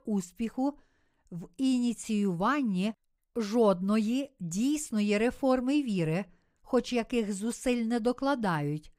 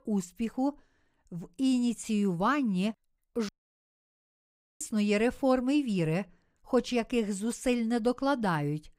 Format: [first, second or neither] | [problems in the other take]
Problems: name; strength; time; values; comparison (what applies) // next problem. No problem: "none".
first | audio cutting out; at 3.5 s for 1.5 s